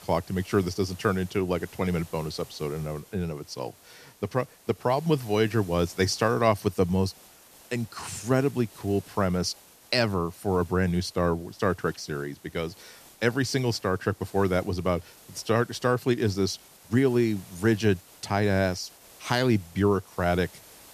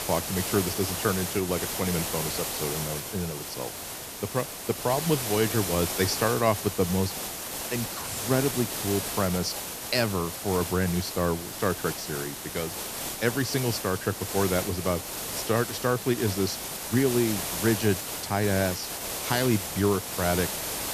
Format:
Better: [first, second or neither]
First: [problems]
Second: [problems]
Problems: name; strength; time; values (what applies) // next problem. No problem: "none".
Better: first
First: hiss; faint; throughout; 25 dB below the speech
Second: hiss; loud; throughout; 3 dB below the speech